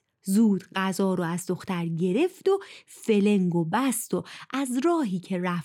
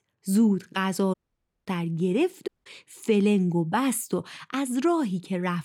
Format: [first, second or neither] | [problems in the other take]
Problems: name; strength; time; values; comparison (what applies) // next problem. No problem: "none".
first | audio cutting out; at 1 s for 0.5 s and at 2.5 s